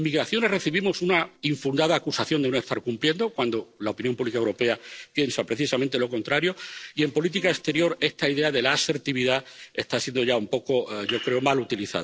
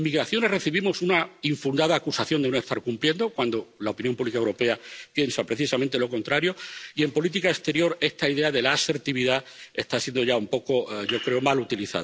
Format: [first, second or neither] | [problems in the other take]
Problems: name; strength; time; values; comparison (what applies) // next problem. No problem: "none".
second | noise reduction (neural separator model SepFormer DNS4)